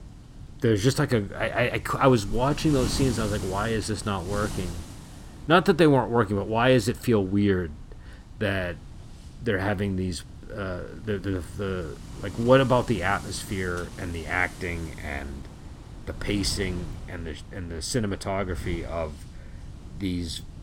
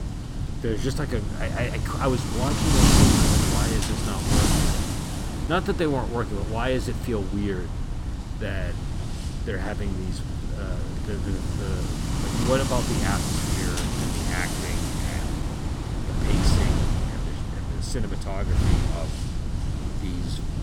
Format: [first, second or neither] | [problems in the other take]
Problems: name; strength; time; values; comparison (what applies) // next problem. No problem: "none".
first | wind noise on the microphone; heavy; as loud as the speech; occasional gusts in the first